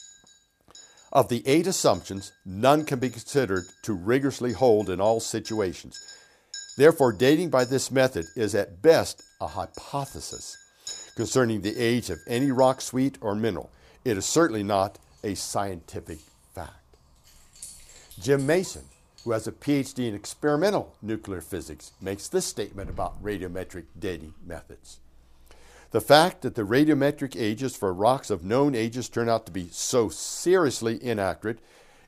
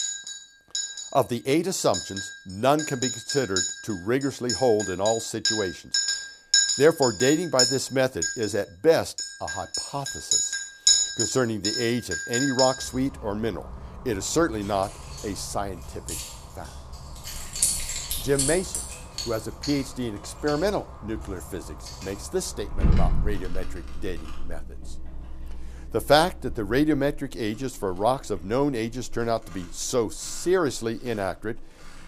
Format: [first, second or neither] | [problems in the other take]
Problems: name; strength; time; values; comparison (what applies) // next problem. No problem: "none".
first | household noises; loud; throughout; as loud as the speech; faint in the first